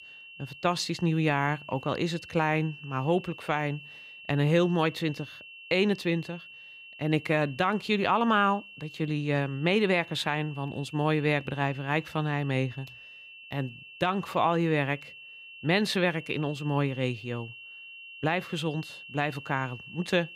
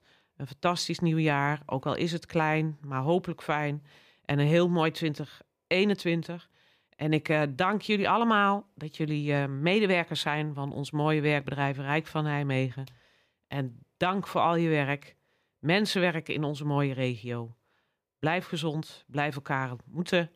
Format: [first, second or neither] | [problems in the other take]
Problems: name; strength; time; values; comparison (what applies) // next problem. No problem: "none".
second | high-pitched whine; noticeable; throughout; 2.5 kHz, 15 dB below the speech